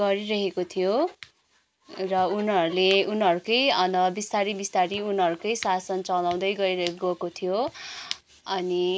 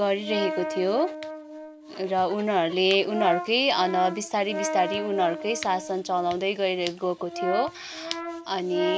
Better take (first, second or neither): first